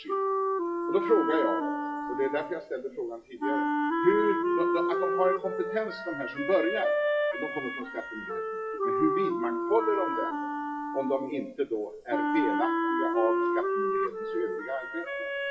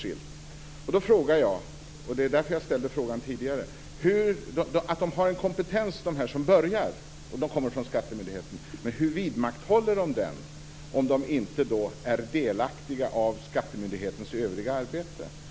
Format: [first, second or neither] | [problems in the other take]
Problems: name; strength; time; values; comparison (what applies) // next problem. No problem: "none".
second | noise reduction (classical method WPE with log-MMSE)